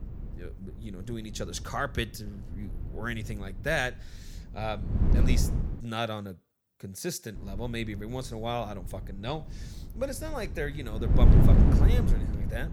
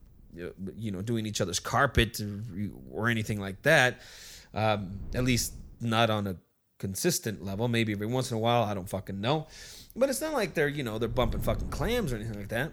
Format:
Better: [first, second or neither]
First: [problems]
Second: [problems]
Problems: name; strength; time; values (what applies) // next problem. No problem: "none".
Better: second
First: wind noise on the microphone; heavy; until 6 s and from 7.5 s on; 1 dB below the speech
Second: wind noise on the microphone; occasional gusts; until 6 s and from 7.5 s on; 25 dB below the speech